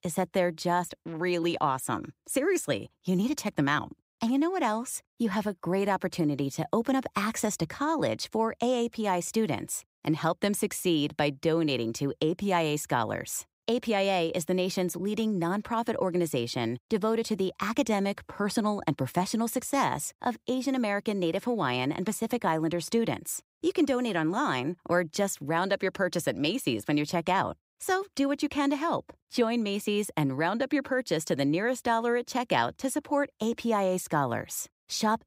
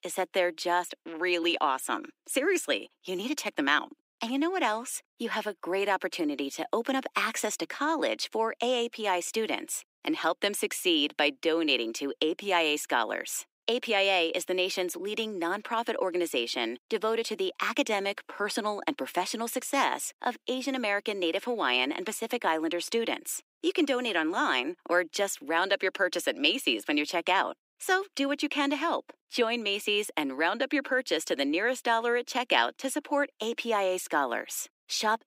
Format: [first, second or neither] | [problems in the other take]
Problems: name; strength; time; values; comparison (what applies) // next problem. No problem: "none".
first | thin; very slightly; fading below 250 Hz